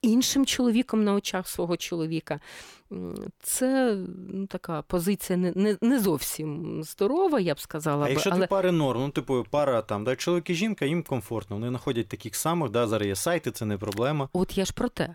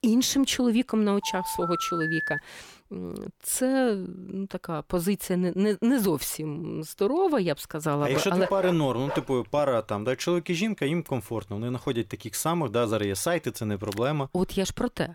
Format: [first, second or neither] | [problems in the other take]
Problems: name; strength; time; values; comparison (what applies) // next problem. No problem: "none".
first | phone ringing; noticeable; from 1 to 2.5 s; peak 1 dB below the speech // dog barking; noticeable; from 8 to 9 s; peak 7 dB below the speech